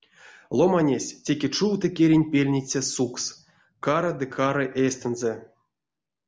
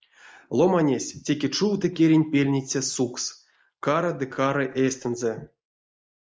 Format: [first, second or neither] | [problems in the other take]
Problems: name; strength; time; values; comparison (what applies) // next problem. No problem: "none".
first | noise reduction (neural mask model Resemble Enhance denoiser)